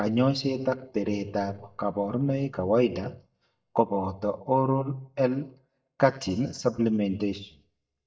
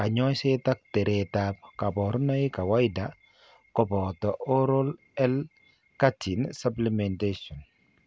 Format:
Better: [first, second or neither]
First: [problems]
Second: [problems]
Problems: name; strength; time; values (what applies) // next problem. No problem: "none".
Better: second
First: noise reduction (neural mask model DeepFilterNet 3)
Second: none